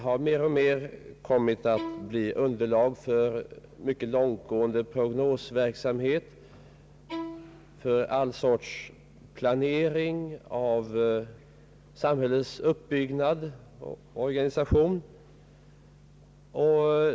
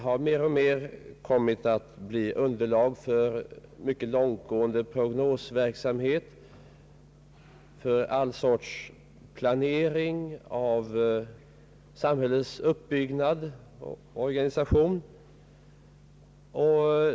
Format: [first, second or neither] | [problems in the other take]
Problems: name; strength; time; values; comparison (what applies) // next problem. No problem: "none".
second | background sound (Bowed string instrument); 13 dB below the speech